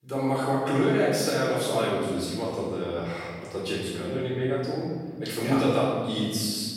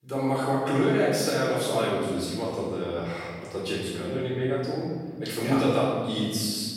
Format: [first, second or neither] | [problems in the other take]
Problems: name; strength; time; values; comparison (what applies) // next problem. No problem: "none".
neither | room echo; strong; dies away in 1.8 s; the same in both // off-mic speech; far; the same in both